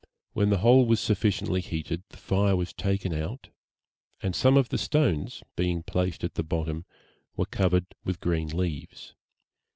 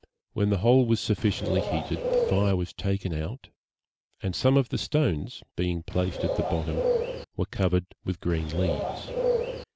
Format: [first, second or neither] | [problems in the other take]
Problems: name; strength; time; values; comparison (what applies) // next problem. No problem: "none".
first | background sound (Bird); 2 dB below the speech